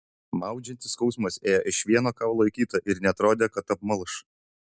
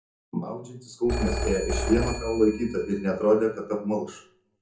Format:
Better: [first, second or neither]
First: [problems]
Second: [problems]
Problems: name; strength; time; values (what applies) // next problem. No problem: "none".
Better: first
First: none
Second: background sound (Telephone); 5 dB below the speech // room echo; dies away in 0.6 s